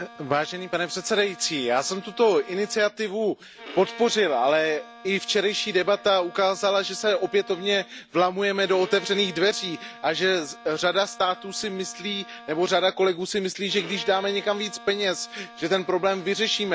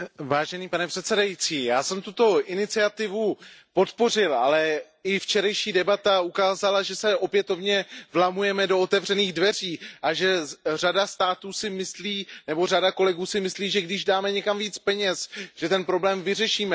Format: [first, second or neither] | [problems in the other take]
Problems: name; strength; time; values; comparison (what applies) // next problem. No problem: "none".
second | background sound (Bowed string instrument); 19 dB below the speech